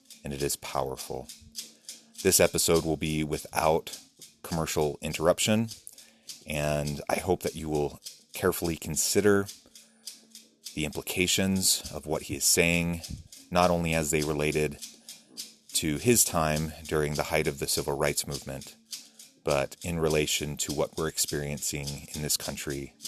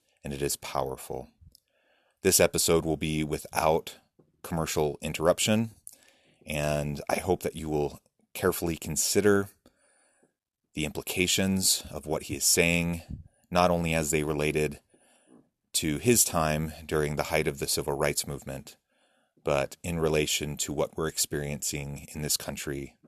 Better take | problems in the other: second | background music; noticeable; throughout; 15 dB below the speech

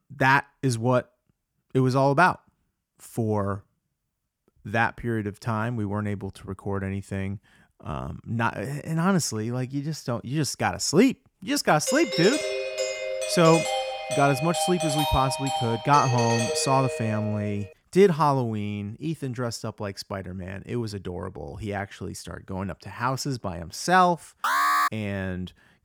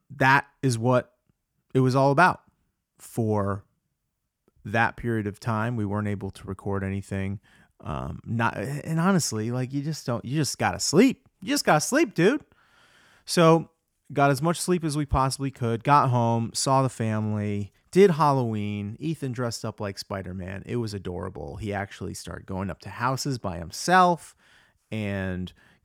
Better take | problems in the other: second | doorbell; noticeable; from 12 to 18 s; peak level with the speech // alarm; loud; at 24 s; peak 5 dB above the speech

